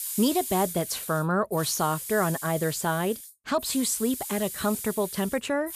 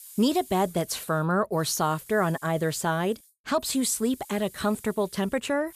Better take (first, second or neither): second